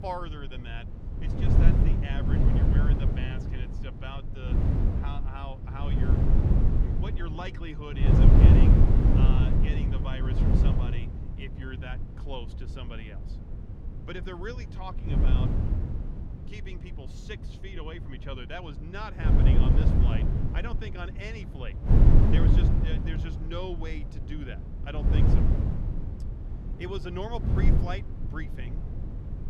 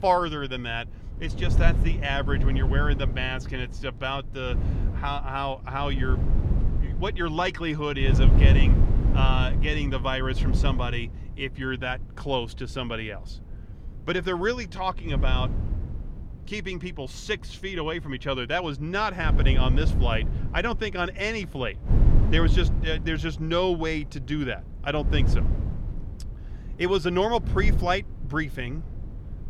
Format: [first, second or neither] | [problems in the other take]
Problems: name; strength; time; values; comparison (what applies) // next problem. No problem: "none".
second | wind noise on the microphone; heavy; 4 dB above the speech; occasional gusts in the second